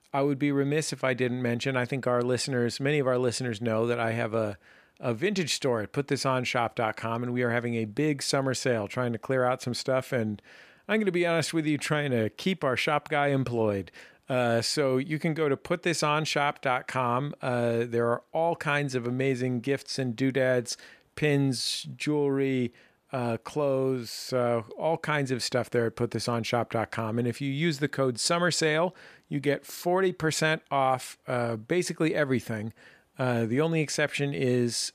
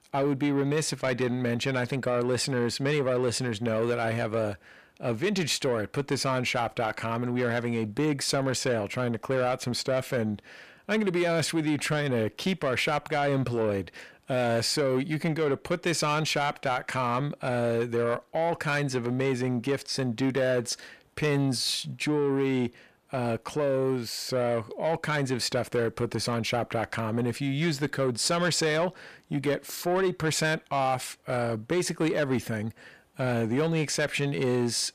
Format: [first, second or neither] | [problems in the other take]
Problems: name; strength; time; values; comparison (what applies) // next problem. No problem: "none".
first | distortion; slight; 10 dB below the speech